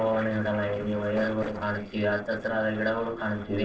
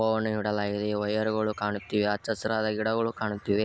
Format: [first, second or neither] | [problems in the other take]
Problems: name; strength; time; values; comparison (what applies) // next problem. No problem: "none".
second | noise reduction (neural separator model SepFormer DNS4)